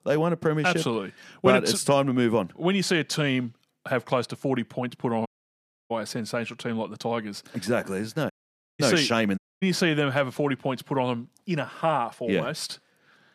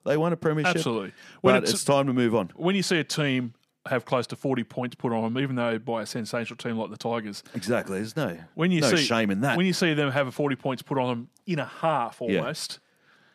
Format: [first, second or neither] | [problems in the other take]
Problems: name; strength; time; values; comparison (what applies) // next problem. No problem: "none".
second | audio cutting out; at 5.5 s for 0.5 s, at 8.5 s and at 9.5 s